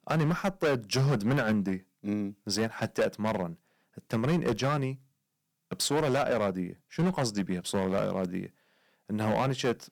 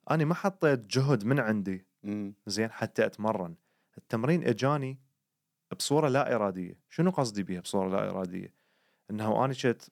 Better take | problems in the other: second | distortion; heavy; 8% of the sound clipped

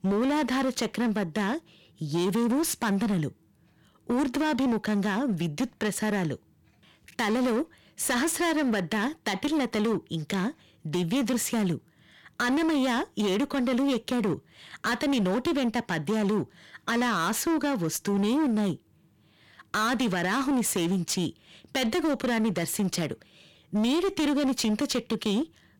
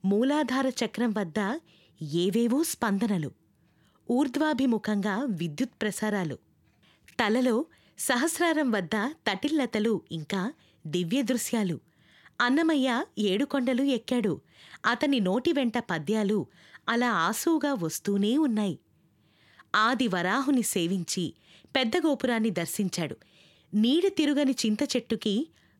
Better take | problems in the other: second | distortion; slight; 22% of the sound clipped

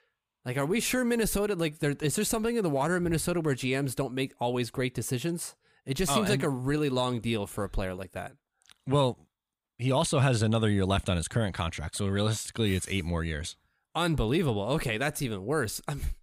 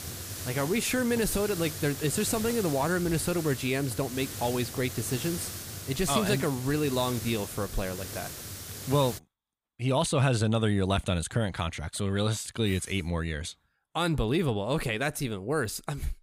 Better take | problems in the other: first | hiss; loud; until 9 s; 8 dB below the speech

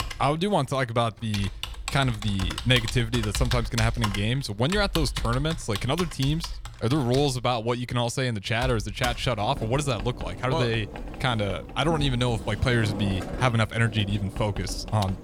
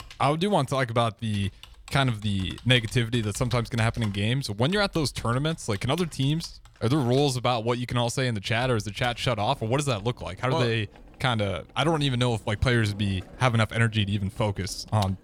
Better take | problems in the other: second | household noises; loud; throughout; 9 dB below the speech; faint in the second

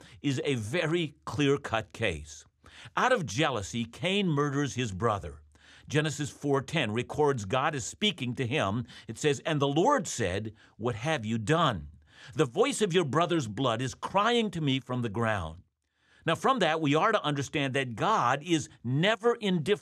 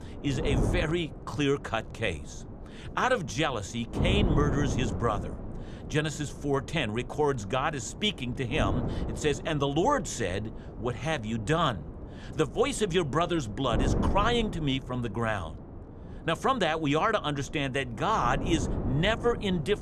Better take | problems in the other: first | wind noise on the microphone; occasional gusts; 15 dB below the speech

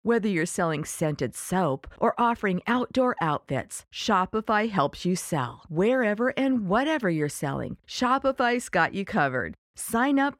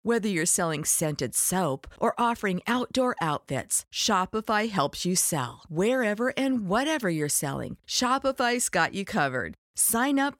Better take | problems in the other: second | muffled; slightly; fading above 4 kHz

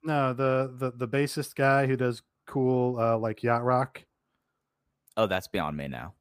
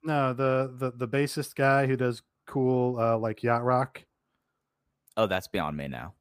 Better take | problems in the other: neither | none

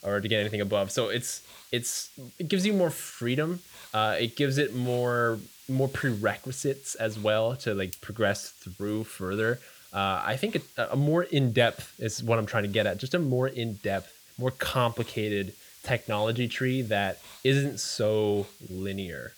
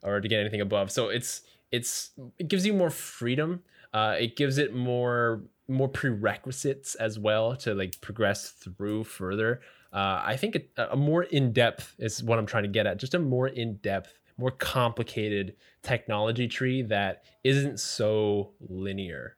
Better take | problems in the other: second | hiss; faint; throughout; 20 dB below the speech

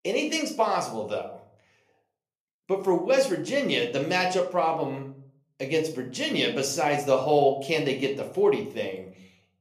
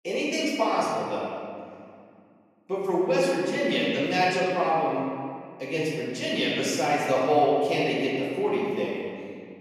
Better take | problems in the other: first | room echo; strong; dies away in 2.1 s; slight in the first // off-mic speech; far; somewhat distant in the first

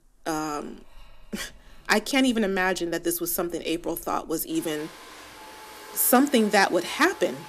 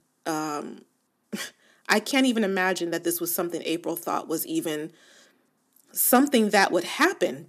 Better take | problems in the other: second | household noises; faint; throughout; 20 dB below the speech

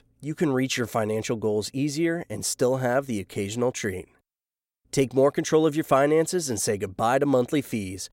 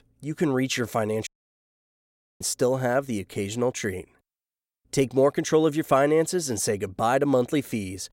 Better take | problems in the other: first | audio cutting out; at 1.5 s for 1 s

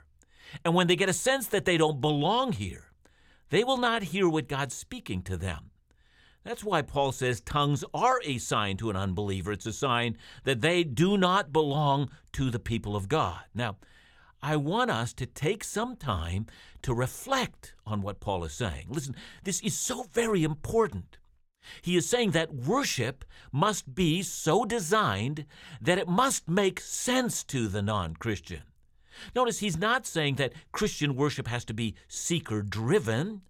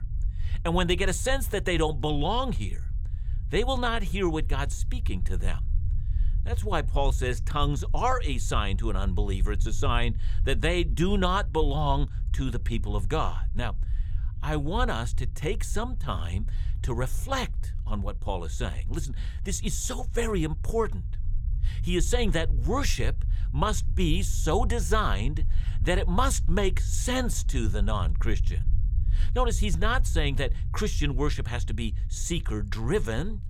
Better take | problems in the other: first | low rumble; faint; throughout; 20 dB below the speech

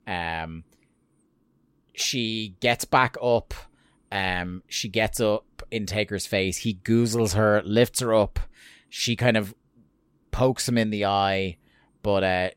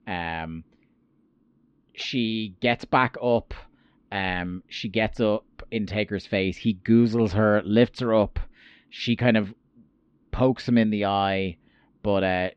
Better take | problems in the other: first | muffled; slightly; fading above 4 kHz

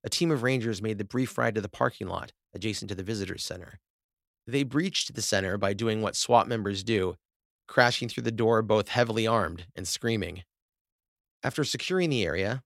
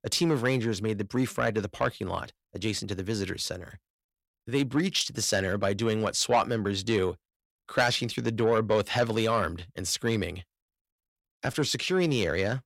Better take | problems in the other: first | distortion; slight; 10 dB below the speech

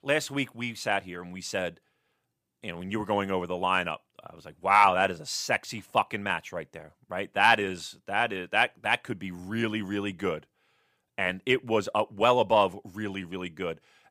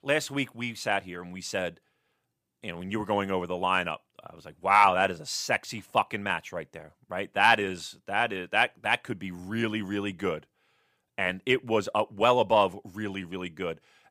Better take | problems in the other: neither | none

